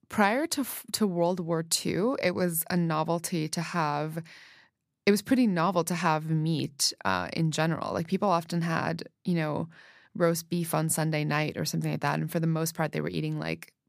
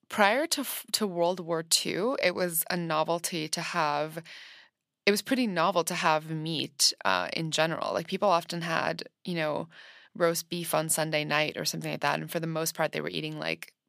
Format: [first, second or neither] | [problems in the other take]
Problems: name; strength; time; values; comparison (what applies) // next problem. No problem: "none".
first | thin; somewhat; fading below 400 Hz